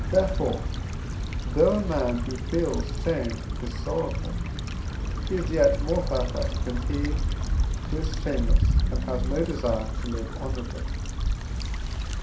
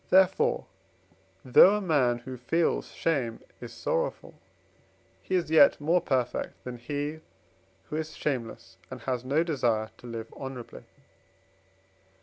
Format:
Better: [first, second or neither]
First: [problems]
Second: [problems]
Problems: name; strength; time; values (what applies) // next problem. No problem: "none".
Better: second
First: background sound (Stream / Trickle, dribble / Traffic noise, roadway noise); 2 dB above the speech // room echo; dies away in 0.5 s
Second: none